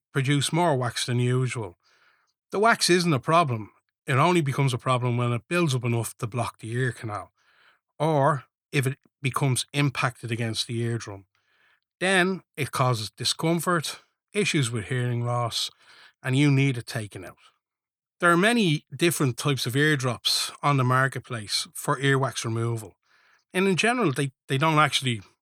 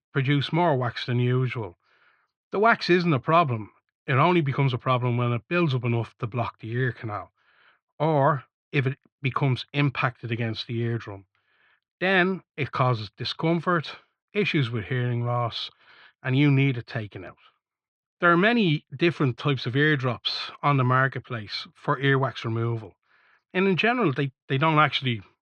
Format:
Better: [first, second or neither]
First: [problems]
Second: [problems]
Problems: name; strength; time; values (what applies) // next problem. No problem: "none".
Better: first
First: none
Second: muffled; slightly; fading above 3.5 kHz